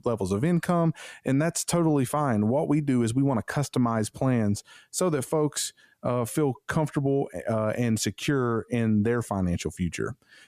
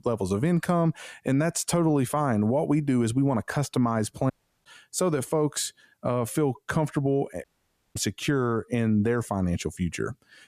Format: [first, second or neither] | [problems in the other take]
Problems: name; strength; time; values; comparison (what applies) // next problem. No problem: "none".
first | audio cutting out; at 4.5 s and at 7.5 s for 0.5 s